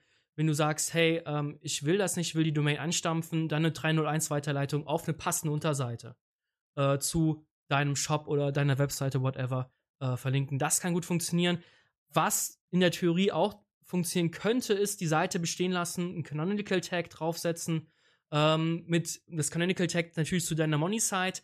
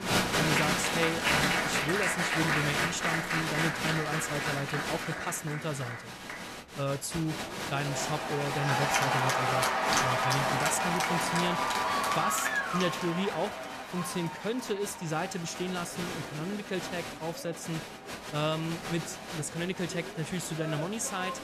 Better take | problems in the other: first | crowd noise; very loud; throughout; 3 dB above the speech

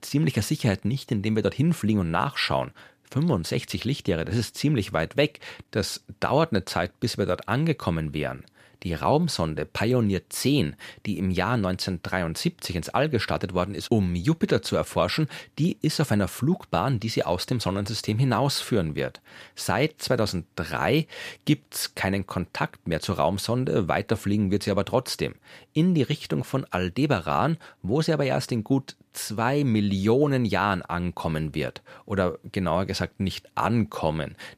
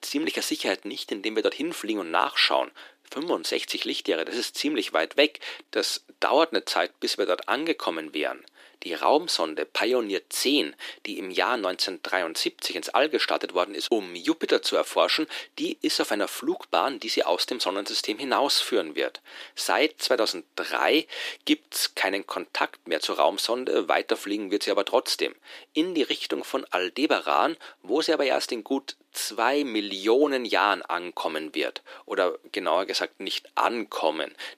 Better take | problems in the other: first | thin; somewhat; fading below 300 Hz

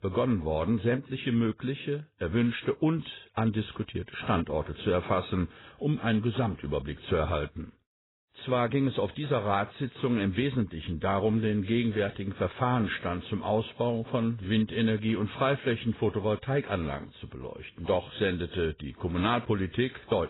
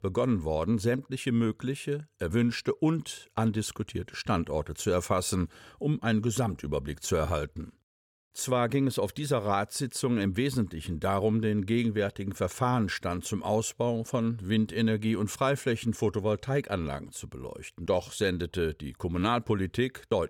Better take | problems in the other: second | garbled, watery; badly; nothing above 4 kHz

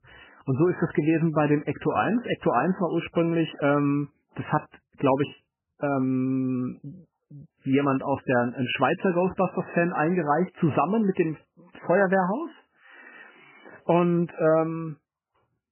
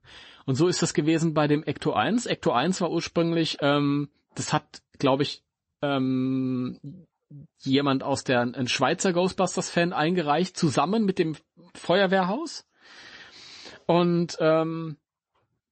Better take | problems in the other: second | garbled, watery; badly; nothing above 3 kHz; slightly in the second

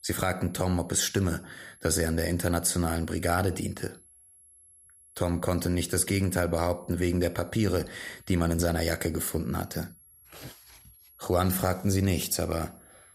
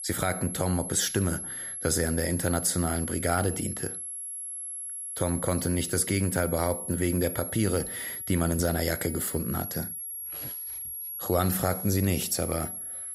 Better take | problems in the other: first | high-pitched whine; loud; throughout; 11 kHz, 6 dB below the speech; faint in the first

